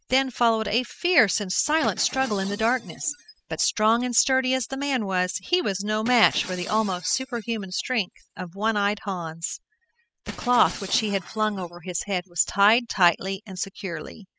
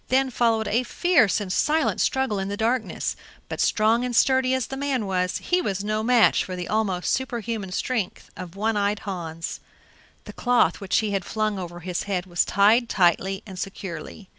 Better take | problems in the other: second | noise reduction (classical method spectral subtraction)

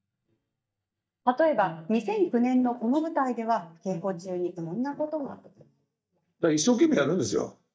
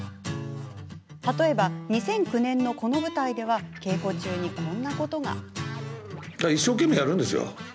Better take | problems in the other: second | noise reduction (neural mask model DeepFilterNet 3)

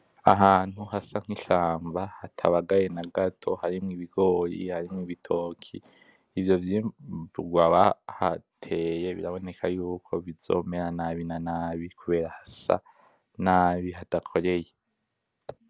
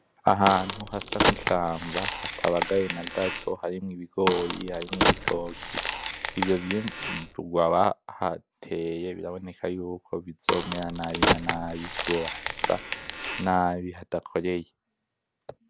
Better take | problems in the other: first | background sound (Crack); 1 dB below the speech

